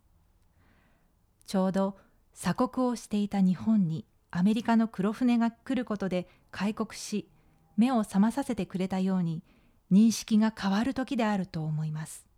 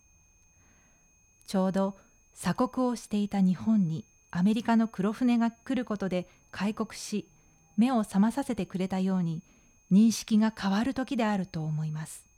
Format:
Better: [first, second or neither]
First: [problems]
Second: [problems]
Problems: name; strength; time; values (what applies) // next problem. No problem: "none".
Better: first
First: none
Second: high-pitched whine; faint; throughout; 6.5 kHz, 35 dB below the speech